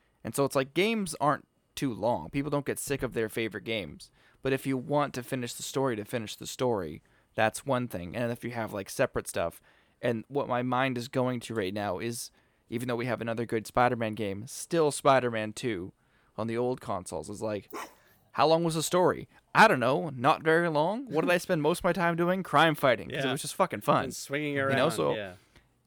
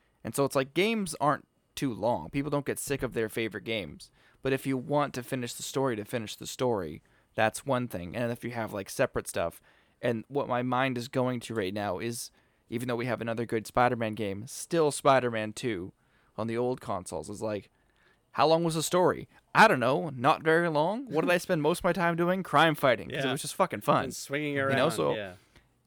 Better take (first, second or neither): second